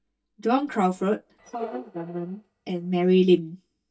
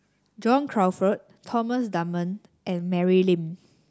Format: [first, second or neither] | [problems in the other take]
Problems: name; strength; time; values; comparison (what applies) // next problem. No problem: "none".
second | noise reduction (neural mask model DeepFilterNet 3)